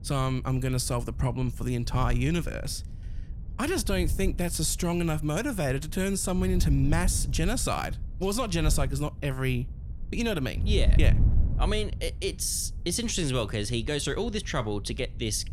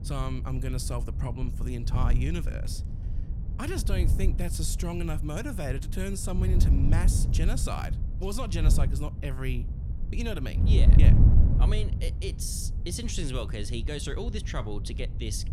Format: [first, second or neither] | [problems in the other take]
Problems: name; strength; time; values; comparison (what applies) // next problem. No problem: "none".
first | wind noise on the microphone; heavy; 6 dB below the speech; occasional gusts in the first